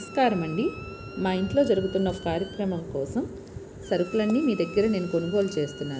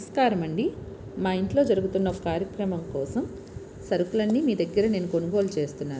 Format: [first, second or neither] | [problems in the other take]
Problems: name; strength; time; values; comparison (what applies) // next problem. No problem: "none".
second | background sound (Squeak); 19 dB below the speech